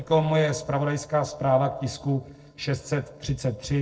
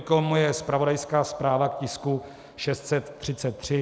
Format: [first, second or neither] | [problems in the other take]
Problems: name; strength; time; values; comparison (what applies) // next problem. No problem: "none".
second | noise reduction (neural separator model SepFormer DNS4)